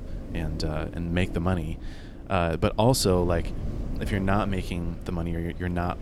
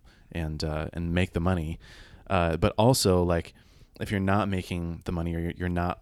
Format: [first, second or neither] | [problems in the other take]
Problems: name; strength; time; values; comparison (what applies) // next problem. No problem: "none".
second | wind noise on the microphone; occasional gusts; 15 dB below the speech